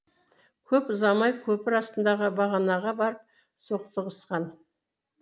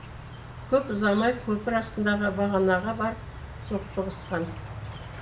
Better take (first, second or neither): first